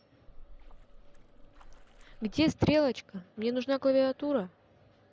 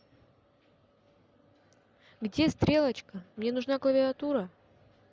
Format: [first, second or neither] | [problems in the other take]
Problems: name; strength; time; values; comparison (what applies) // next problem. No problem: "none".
second | background sound (Splash, splatter); 18 dB below the speech